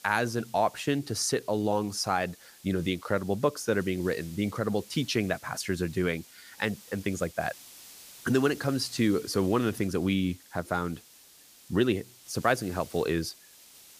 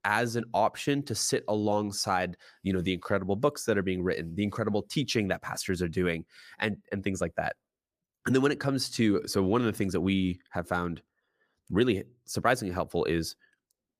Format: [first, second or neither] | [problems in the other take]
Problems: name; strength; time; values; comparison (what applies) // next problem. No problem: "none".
second | hiss; faint; throughout; 20 dB below the speech